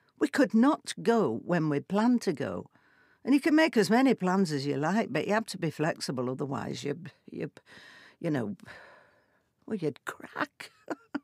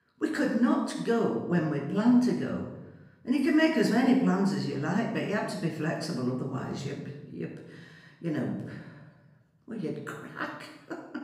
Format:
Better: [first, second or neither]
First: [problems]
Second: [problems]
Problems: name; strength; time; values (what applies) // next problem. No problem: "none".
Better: first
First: none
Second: off-mic speech; far // room echo; noticeable; dies away in 1 s